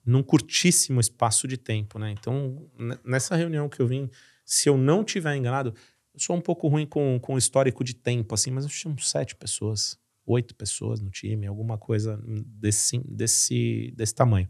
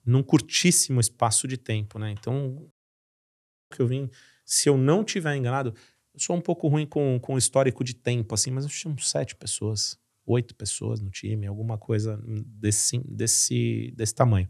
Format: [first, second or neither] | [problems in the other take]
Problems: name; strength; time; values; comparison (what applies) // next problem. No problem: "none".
first | audio cutting out; at 2.5 s for 1 s